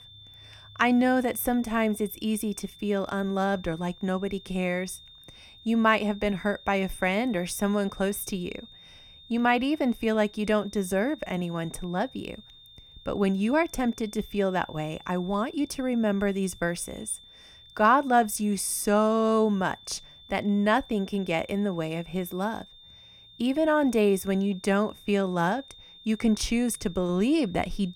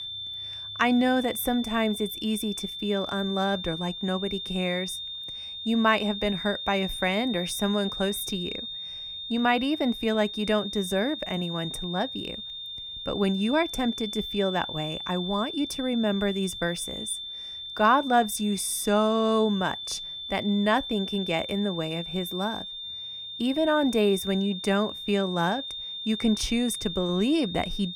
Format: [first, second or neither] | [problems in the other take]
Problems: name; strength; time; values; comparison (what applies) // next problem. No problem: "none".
first | high-pitched whine; loud; throughout; 3.5 kHz, 7 dB below the speech; faint in the first